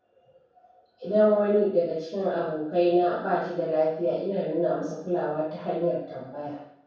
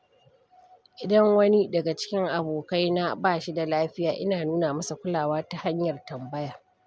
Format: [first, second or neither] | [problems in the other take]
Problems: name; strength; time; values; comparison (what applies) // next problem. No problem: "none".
second | room echo; dies away in 0.7 s